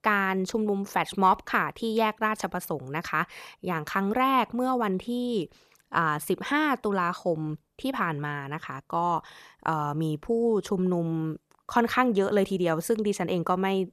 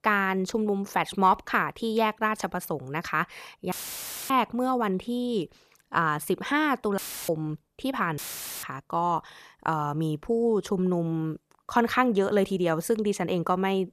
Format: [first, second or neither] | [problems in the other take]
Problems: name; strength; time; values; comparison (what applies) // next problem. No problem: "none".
first | audio cutting out; filled with static; at 3.5 s for 0.5 s, at 7 s and at 8 s